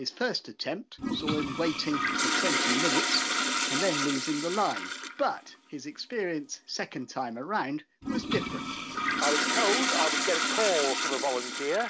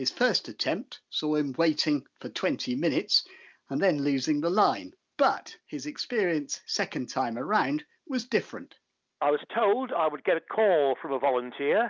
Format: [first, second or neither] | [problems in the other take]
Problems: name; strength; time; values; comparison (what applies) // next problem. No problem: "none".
second | background sound (Toilet flush); 1 dB above the speech